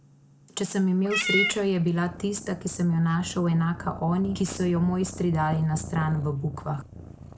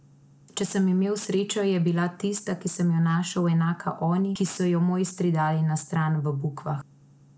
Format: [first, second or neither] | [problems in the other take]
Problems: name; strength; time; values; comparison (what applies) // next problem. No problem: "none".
second | background sound (Meow / Purr); 9 dB below the speech